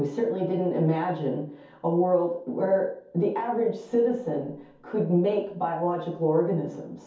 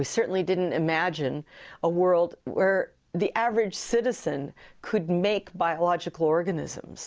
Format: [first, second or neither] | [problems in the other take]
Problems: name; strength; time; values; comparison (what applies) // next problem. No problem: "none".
second | room echo; dies away in 0.6 s